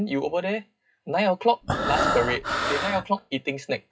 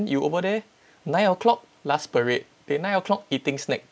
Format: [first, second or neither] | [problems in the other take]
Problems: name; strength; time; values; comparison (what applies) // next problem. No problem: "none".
second | noise reduction (classical method WPE with log-MMSE)